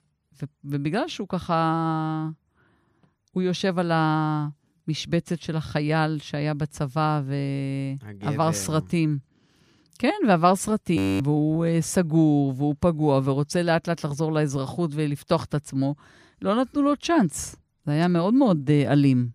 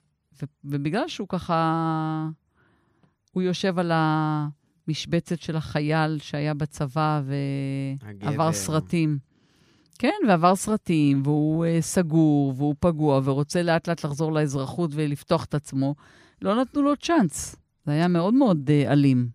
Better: second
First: audio freezing; at 11 s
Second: none

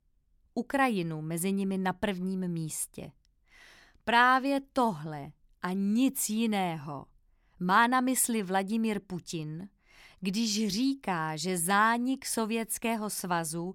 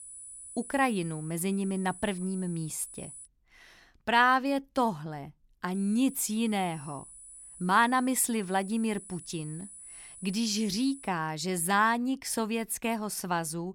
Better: first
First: none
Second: high-pitched whine; noticeable; until 3.5 s and from 5.5 to 11 s; 10 kHz, 15 dB below the speech

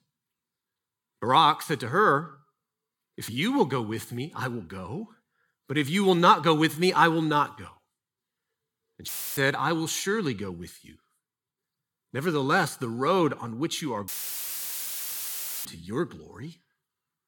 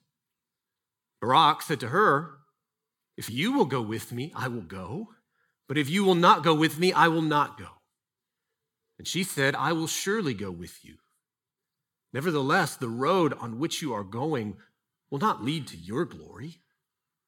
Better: second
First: audio cutting out; filled with static; at 9 s and at 14 s for 1.5 s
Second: none

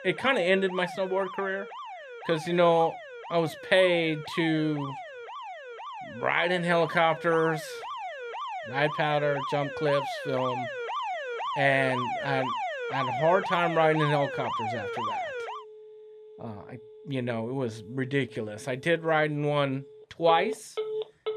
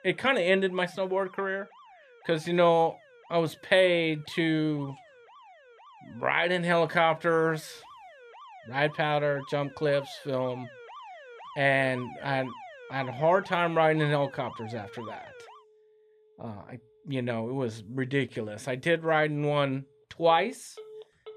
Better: second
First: alarms or sirens; loud; throughout; 8 dB below the speech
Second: alarms or sirens; faint; throughout; 20 dB below the speech

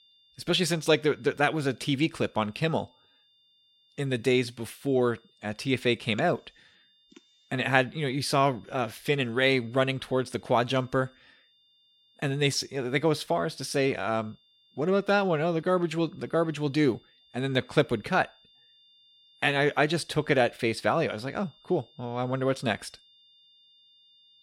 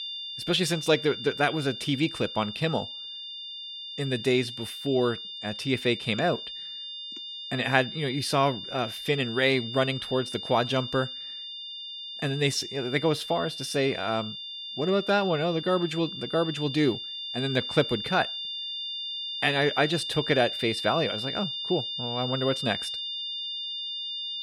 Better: first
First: high-pitched whine; faint; throughout; 3.5 kHz, 30 dB below the speech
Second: high-pitched whine; loud; throughout; 3.5 kHz, 6 dB below the speech

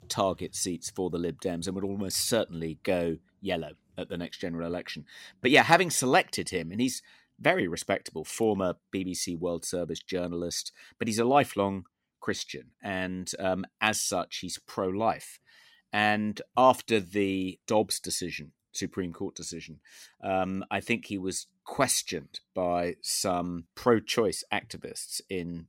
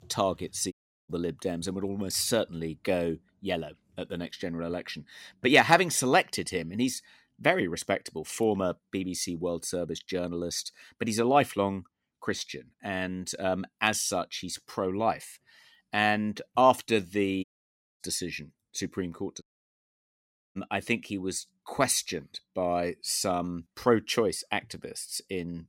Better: first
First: none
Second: audio cutting out; at 0.5 s, at 17 s for 0.5 s and at 19 s for 1 s

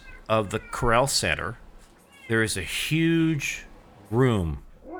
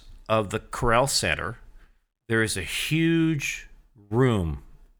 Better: second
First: animal sounds; faint; throughout; 25 dB below the speech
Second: none

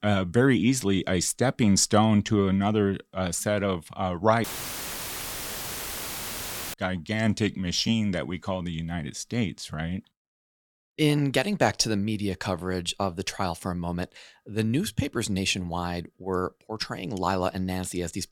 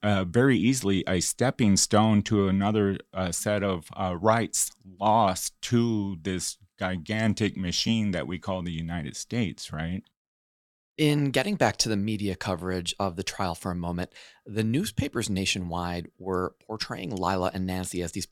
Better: second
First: audio cutting out; filled with static; at 4.5 s for 2.5 s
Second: none

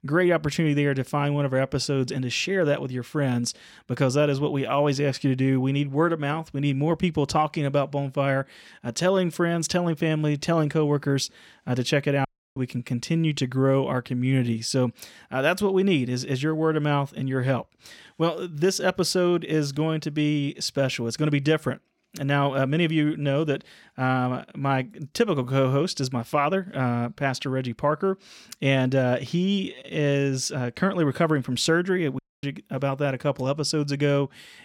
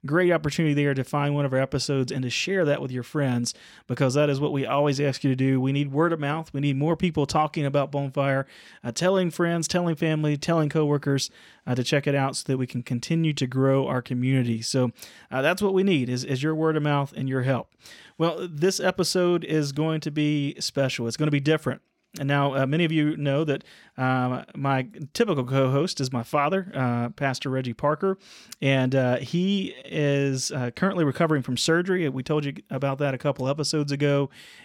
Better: second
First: audio cutting out; at 12 s and at 32 s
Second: none

